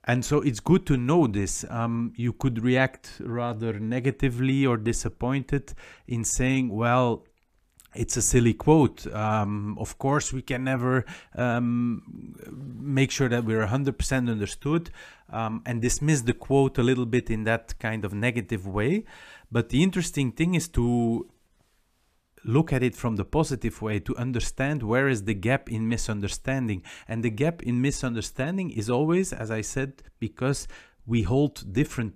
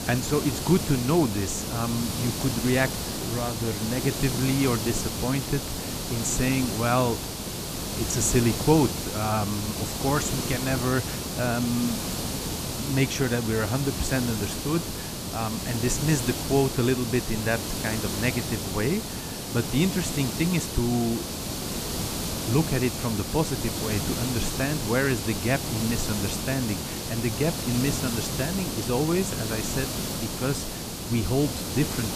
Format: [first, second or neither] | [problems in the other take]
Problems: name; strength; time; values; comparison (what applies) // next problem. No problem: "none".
first | hiss; loud; throughout; 3 dB below the speech